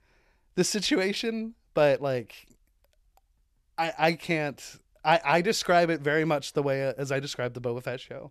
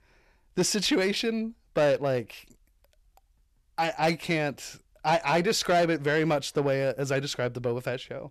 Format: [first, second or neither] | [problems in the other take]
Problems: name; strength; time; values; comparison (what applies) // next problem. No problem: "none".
first | distortion; slight; 10 dB below the speech